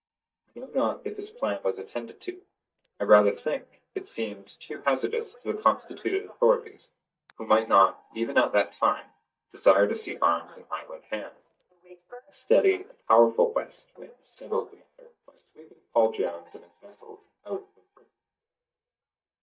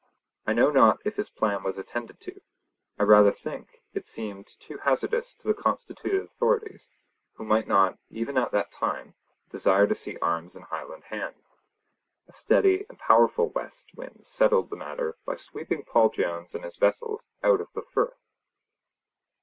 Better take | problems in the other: second | noise reduction (neural mask model DeepFilterNet 3)

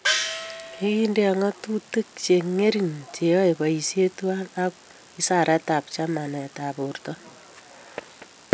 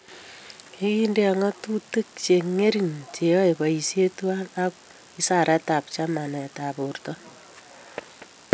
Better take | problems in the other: second | background sound (Gong); 3 dB below the speech

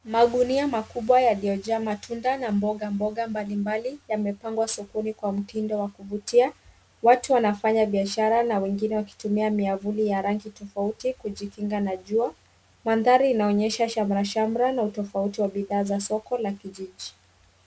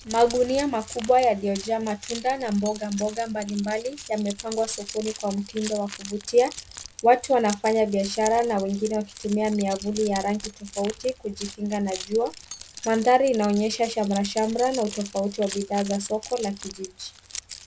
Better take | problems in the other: first | background sound (Keys jangling); 15 dB below the speech

